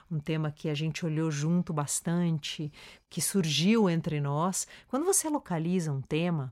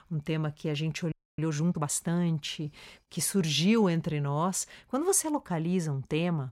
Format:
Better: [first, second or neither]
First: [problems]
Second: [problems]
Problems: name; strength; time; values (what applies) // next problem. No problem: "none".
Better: first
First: none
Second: audio freezing; at 1 s